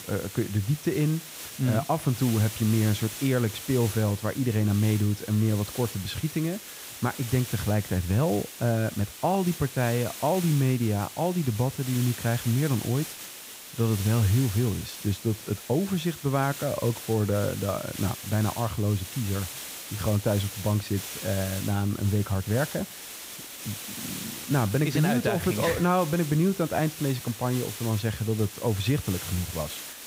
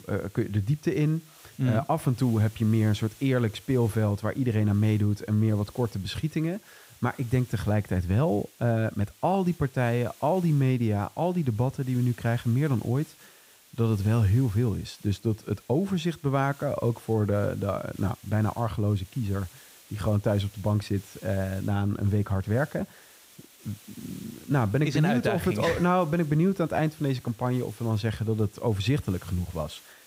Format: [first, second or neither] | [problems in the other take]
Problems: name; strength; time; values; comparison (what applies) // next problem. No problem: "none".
second | hiss; loud; throughout; 10 dB below the speech; faint in the second